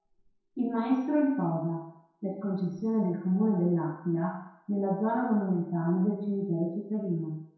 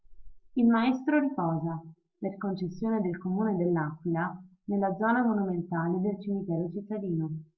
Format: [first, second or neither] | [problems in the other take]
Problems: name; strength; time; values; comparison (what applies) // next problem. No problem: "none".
second | room echo; dies away in 0.7 s